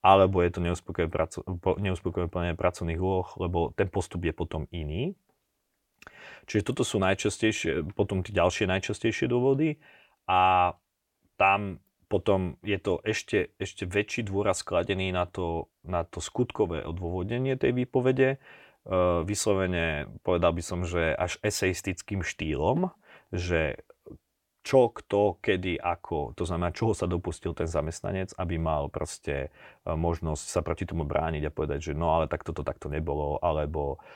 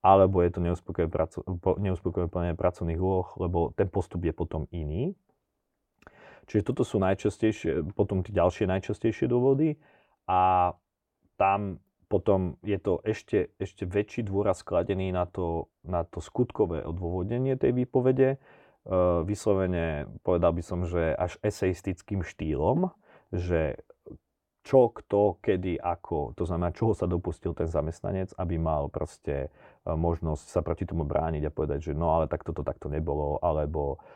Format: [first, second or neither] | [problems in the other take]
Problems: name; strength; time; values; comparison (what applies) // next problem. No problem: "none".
first | muffled; slightly; fading above 1.5 kHz